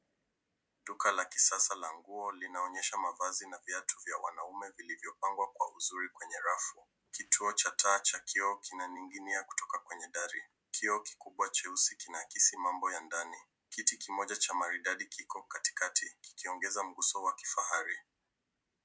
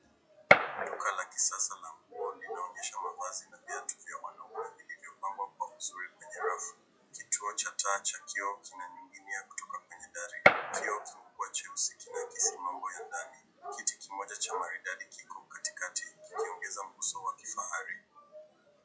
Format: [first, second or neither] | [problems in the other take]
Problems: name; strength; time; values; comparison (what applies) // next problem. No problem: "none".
first | noise reduction (classical method log-MMSE)